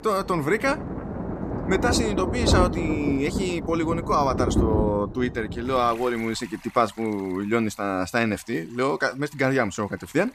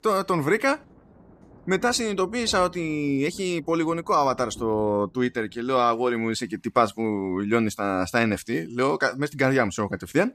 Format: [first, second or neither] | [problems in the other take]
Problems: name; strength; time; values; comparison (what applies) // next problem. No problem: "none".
second | rain or running water; loud; throughout; 3 dB below the speech; faint in the second